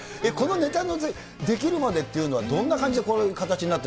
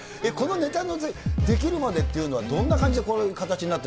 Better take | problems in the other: first | background sound (Drum kit); as loud as the speech

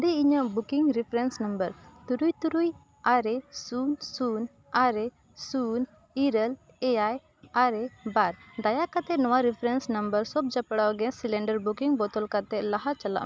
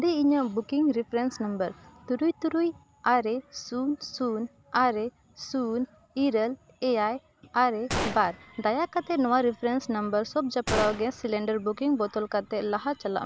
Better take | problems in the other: first | background sound (Gunshot, gunfire); 10 dB below the speech

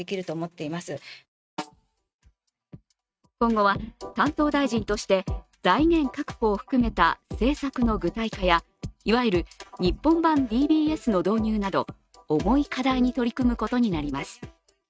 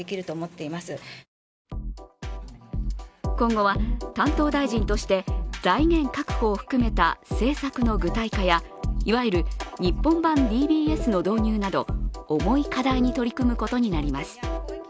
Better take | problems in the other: second | noise reduction (neural mask model RNNoise)

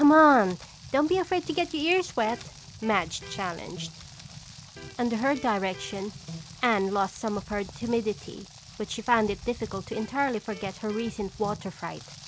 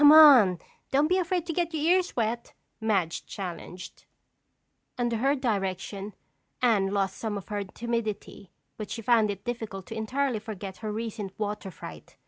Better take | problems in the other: second | background sound (Electric guitar + Rain); 16 dB below the speech

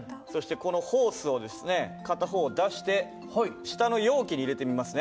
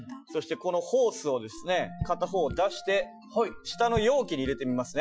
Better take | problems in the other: first | noise reduction (classical method Wiener filter)

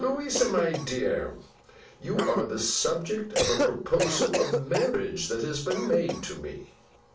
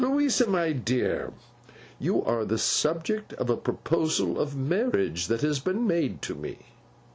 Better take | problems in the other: second | background sound (Cough); 4 dB below the speech // room echo; dies away in 0.3 s

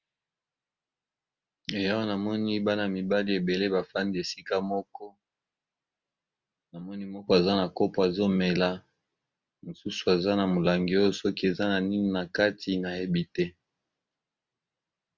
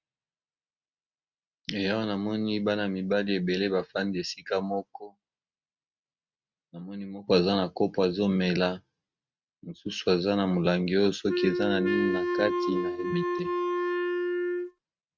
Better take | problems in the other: first | noise reduction (neural mask model RNNoise)

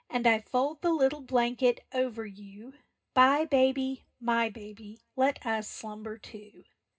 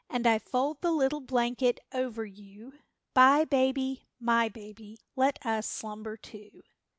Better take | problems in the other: second | room echo; dies away in 0.2 s

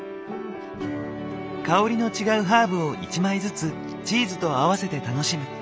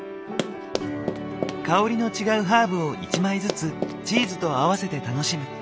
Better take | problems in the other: first | background sound (Run); 7 dB below the speech

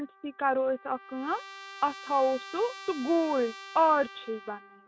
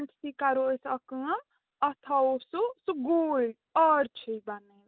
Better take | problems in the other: second | background sound (Trumpet); 16 dB below the speech

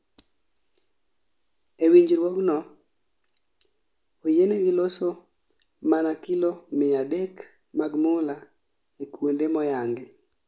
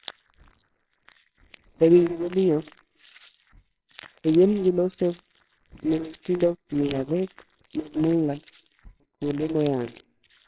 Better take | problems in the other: first | noise reduction (neural separator model SepFormer WHAMR!)

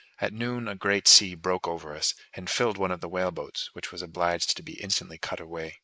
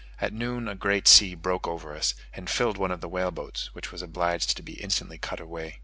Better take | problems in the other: second | noise reduction (neural mask model Resemble Enhance denoiser)

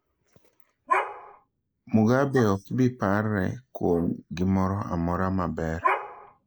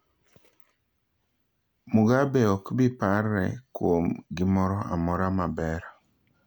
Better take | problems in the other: second | noise reduction (neural mask model Resemble Enhance denoiser)

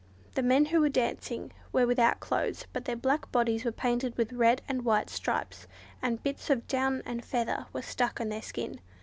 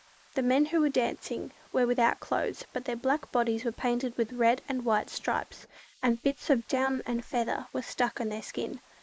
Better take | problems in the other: first | noise reduction (neural mask model Resemble Enhance denoiser)

